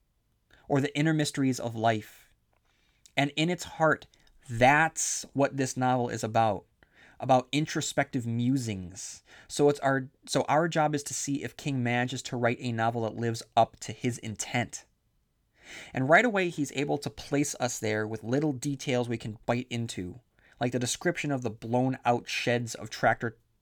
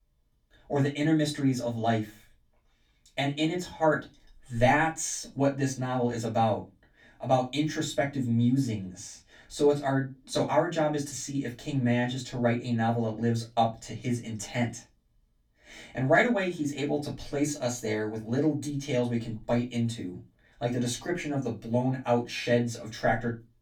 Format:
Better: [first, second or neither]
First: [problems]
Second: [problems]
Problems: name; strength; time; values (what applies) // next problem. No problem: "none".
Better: first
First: none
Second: off-mic speech; far // room echo; very slight; dies away in 0.2 s